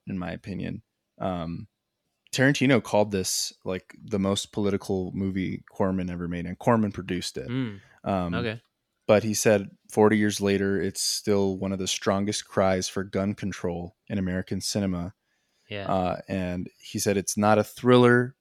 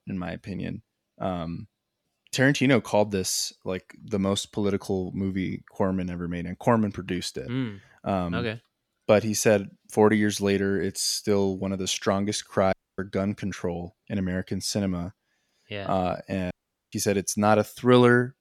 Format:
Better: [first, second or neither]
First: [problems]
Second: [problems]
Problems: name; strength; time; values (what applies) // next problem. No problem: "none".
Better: first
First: none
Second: audio cutting out; at 13 s and at 17 s